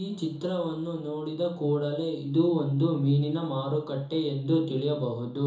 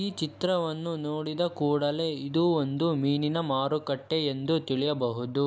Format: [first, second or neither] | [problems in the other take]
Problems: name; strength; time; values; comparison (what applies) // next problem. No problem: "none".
second | room echo; dies away in 0.7 s